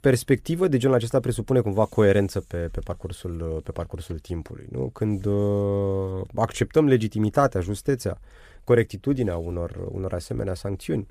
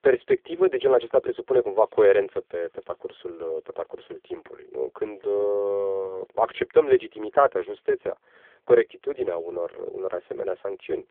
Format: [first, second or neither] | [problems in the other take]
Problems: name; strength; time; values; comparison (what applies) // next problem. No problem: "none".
first | phone-call audio; poor line; nothing above 3.5 kHz